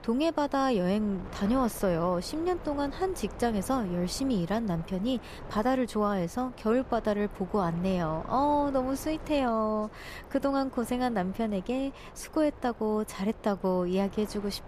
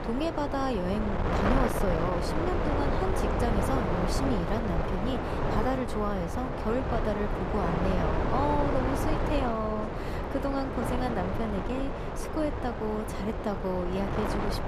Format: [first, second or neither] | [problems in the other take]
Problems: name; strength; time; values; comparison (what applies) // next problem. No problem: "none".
first | wind noise on the microphone; heavy; 1 dB above the speech; occasional gusts in the first